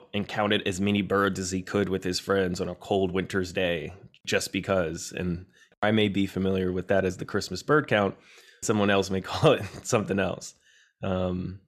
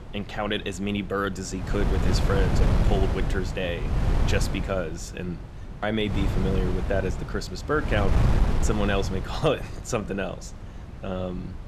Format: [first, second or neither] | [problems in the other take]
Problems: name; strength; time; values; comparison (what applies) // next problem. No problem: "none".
first | wind noise on the microphone; heavy; 6 dB below the speech